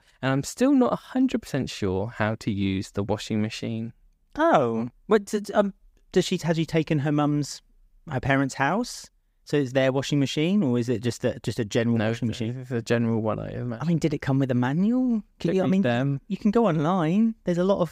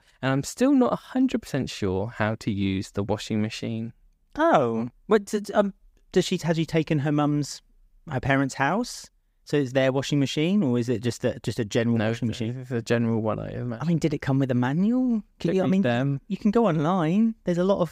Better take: neither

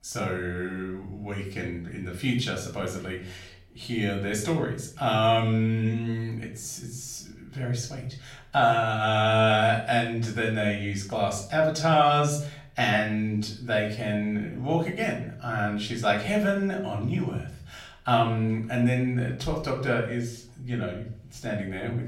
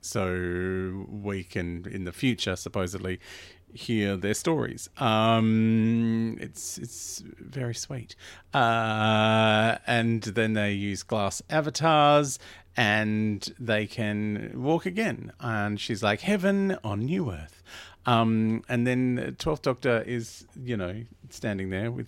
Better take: second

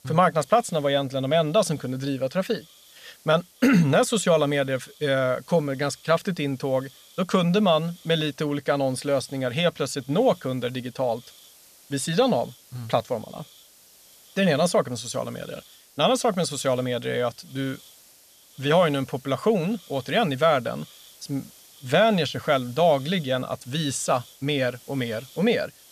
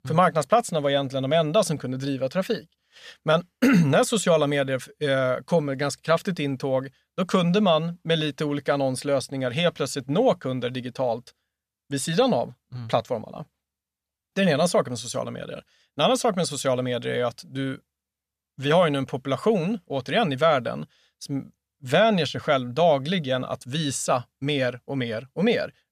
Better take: second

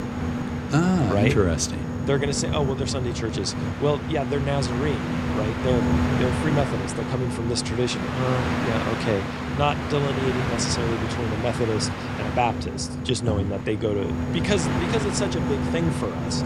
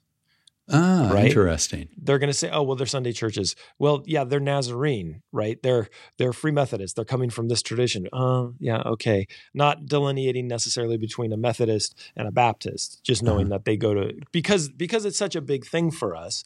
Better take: second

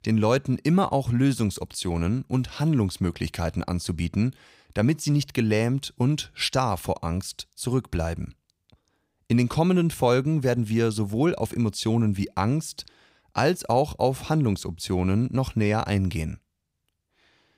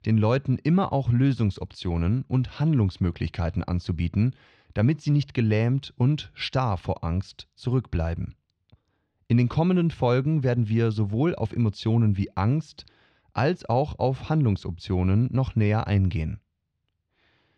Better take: first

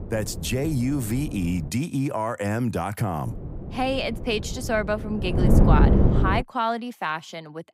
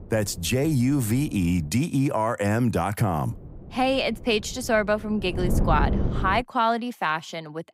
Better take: second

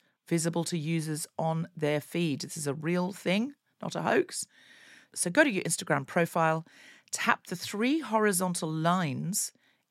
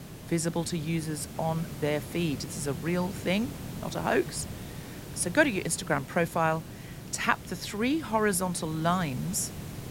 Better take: first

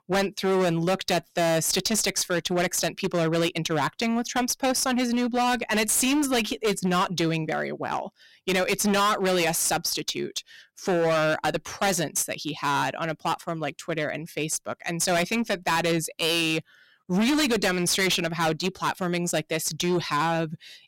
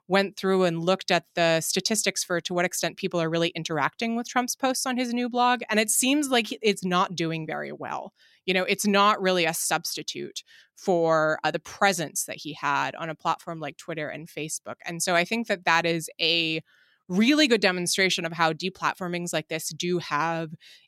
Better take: second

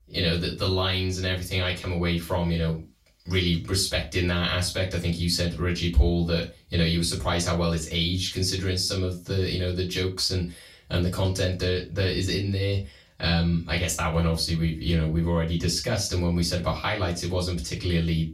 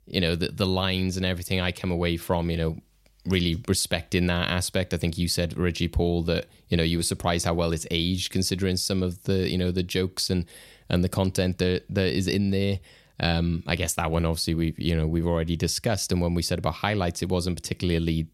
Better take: second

